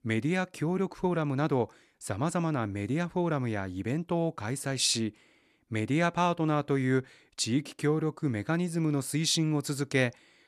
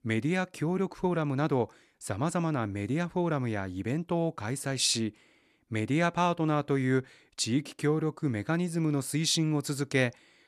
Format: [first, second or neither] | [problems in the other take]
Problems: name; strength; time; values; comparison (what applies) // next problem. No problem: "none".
neither | none